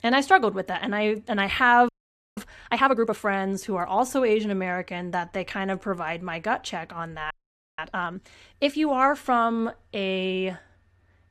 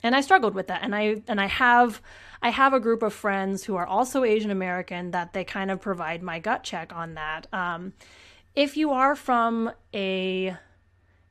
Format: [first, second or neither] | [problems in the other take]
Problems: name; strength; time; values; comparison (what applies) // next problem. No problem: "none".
second | audio freezing; at 2 s and at 7.5 s